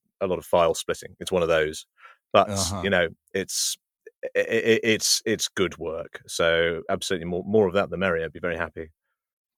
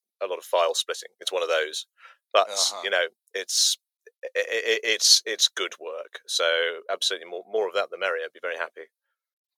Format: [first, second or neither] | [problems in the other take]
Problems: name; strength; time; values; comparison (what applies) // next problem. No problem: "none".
first | thin; very; fading below 450 Hz